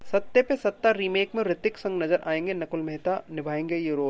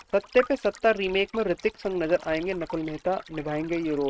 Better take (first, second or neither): first